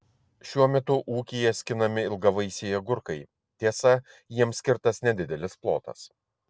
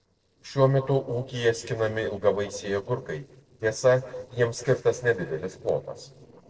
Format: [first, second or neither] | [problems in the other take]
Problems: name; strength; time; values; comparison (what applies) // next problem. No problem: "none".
first | noise reduction (neural separator model SepFormer DNS4)